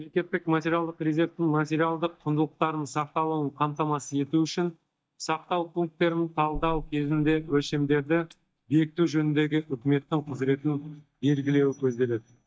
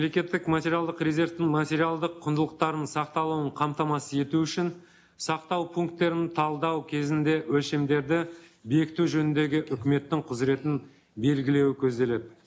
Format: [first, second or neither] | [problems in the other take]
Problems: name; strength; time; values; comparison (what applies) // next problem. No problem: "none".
second | noise reduction (neural mask model DeepFilterNet 3)